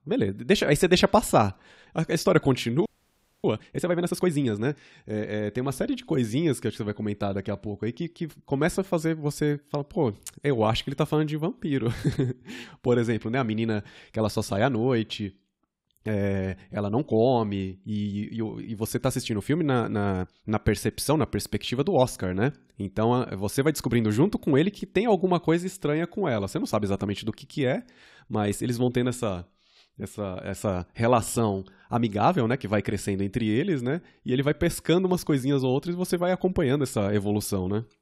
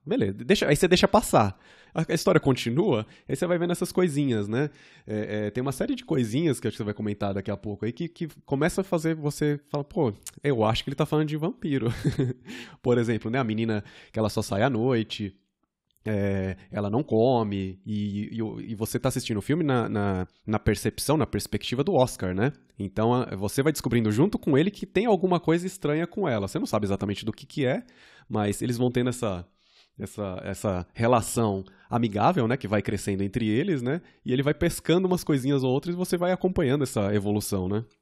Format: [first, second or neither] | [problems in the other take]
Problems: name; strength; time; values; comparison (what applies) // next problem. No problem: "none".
second | audio freezing; at 3 s for 0.5 s